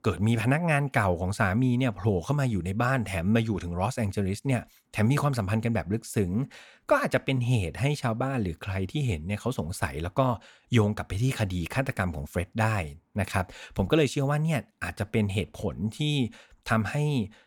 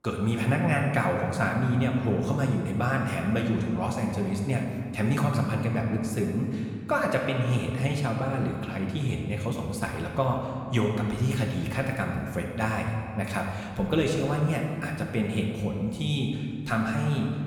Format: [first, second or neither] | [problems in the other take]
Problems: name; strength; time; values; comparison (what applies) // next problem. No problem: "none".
first | room echo; noticeable; dies away in 1.9 s // off-mic speech; somewhat distant